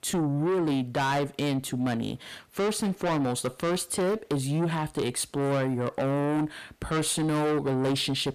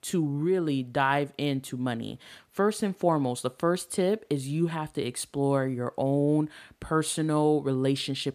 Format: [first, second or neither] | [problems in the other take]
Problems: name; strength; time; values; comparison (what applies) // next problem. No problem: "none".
second | distortion; heavy; 6 dB below the speech